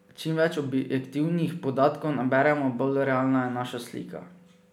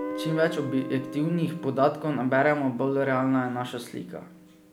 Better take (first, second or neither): first